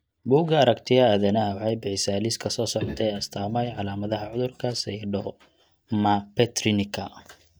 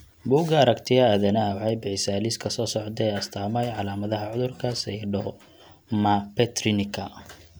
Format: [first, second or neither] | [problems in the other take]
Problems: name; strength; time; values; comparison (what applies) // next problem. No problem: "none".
second | noise reduction (neural mask model DeepFilterNet 3)